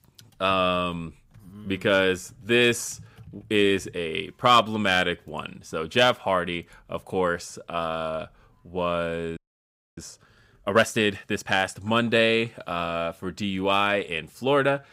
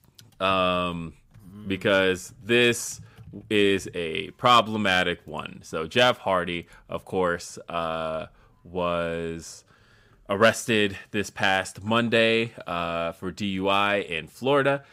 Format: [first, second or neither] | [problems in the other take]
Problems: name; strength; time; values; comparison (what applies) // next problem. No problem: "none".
second | audio freezing; at 9.5 s for 0.5 s